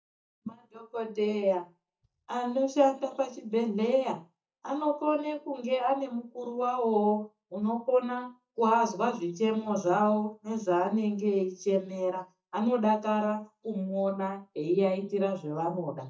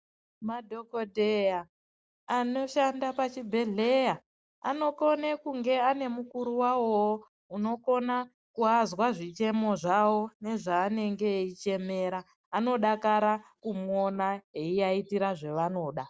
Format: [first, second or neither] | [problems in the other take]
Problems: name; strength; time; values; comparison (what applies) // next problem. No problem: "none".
second | noise reduction (neural mask model DeepFilterNet 3)